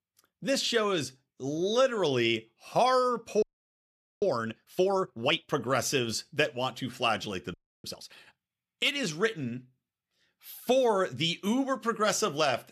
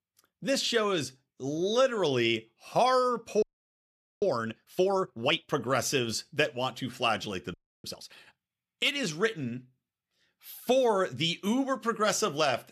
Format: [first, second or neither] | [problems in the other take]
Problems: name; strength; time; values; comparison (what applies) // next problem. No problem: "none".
neither | audio freezing; at 3.5 s for 1 s and at 7.5 s; the same in both